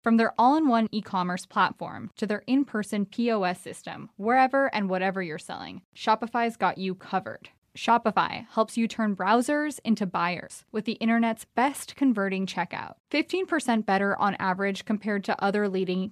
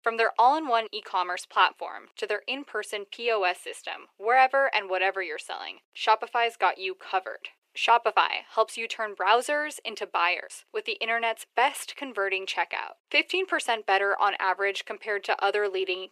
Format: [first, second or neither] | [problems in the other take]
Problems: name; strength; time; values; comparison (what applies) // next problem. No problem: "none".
first | thin; very; fading below 400 Hz